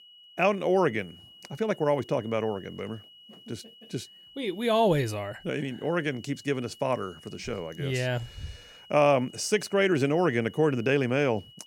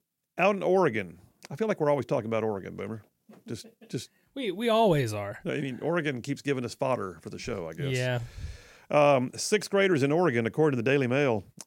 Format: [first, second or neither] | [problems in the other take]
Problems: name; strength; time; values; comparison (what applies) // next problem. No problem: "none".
second | high-pitched whine; faint; throughout; 3 kHz, 25 dB below the speech